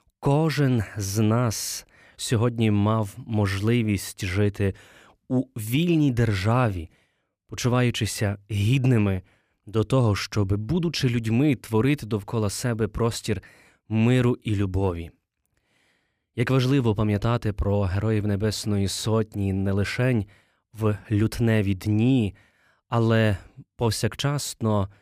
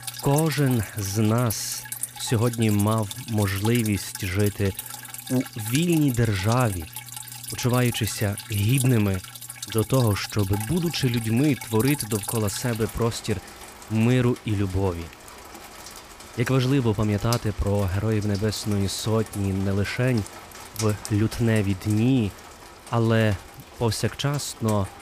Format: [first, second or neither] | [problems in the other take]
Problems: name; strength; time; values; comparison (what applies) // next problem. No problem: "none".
first | rain or running water; noticeable; throughout; 10 dB below the speech